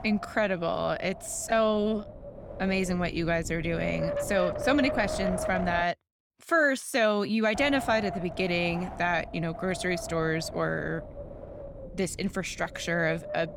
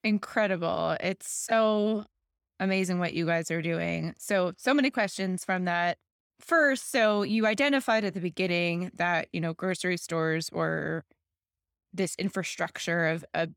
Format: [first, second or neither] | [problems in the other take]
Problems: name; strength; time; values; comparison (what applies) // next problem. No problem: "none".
second | wind noise on the microphone; heavy; until 6 s and from 7.5 s on; 9 dB below the speech